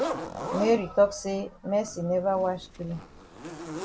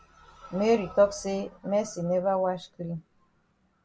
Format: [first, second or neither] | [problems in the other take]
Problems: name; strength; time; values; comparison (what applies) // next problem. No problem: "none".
second | background sound (Zipper (clothing)); 9 dB below the speech